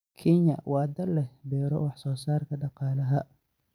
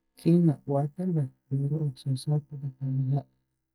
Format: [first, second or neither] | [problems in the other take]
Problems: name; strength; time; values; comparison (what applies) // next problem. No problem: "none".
first | noise reduction (neural mask model DeepFilterNet 3)